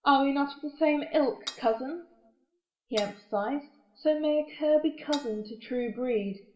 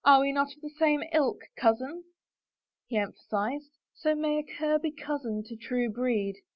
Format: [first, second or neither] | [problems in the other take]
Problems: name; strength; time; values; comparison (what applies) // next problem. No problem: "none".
second | background sound (Cutlery, silverware / Dishes, pots, and pans); 14 dB below the speech // room echo; dies away in 0.6 s